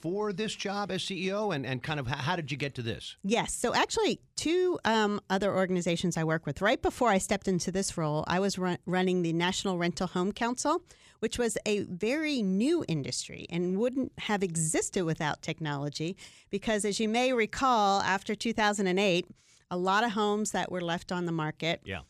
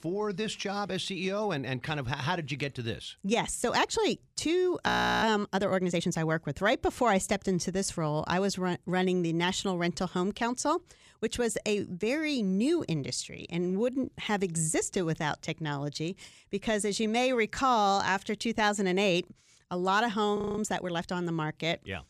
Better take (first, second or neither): first